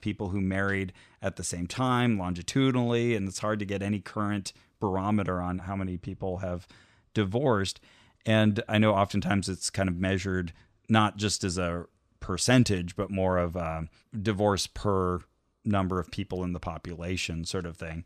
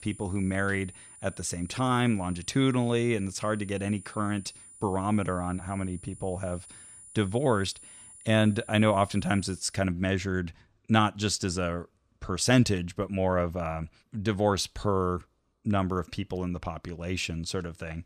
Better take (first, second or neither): first